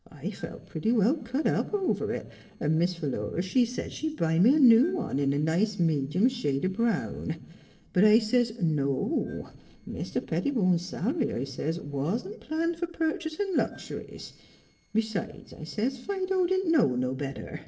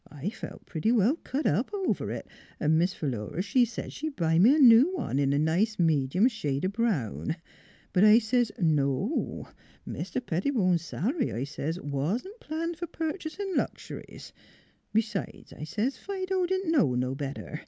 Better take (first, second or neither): second